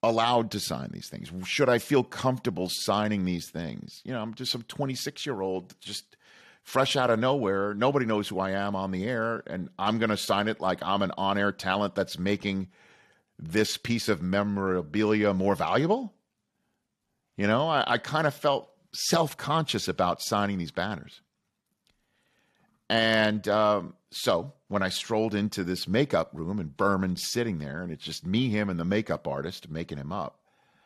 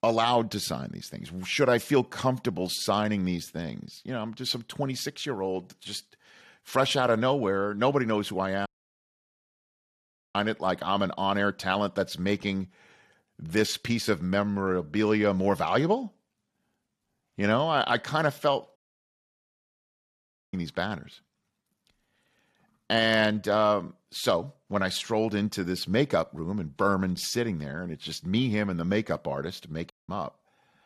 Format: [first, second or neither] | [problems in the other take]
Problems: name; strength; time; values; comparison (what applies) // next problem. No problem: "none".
first | audio cutting out; at 8.5 s for 1.5 s, at 19 s for 2 s and at 30 s